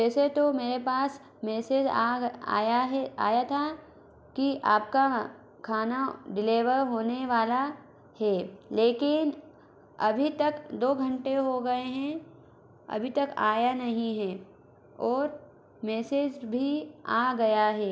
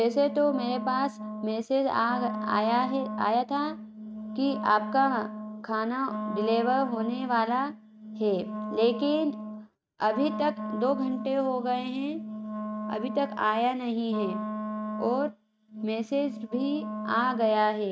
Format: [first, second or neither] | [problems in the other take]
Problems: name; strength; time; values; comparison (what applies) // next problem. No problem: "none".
first | noise reduction (neural mask model RNNoise)